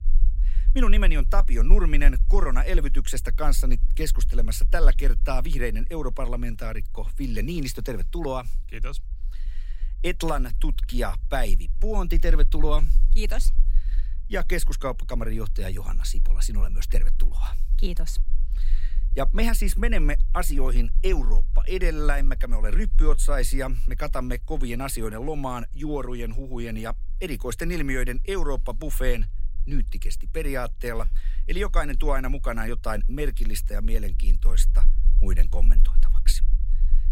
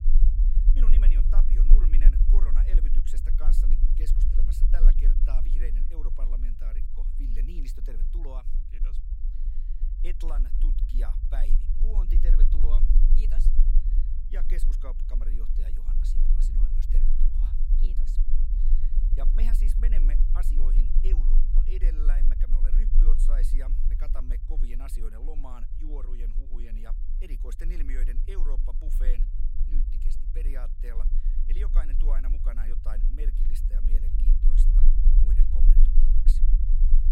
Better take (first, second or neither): first